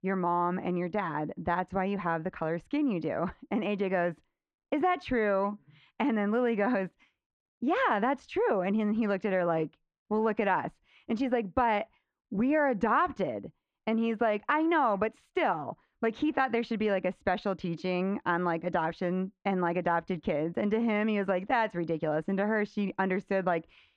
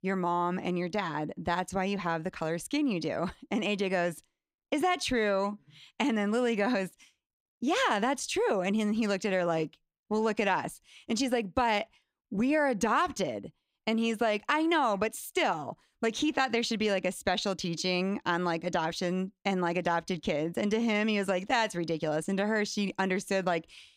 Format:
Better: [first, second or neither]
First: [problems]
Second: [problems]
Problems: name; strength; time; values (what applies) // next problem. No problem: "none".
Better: second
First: muffled; very; fading above 1.5 kHz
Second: none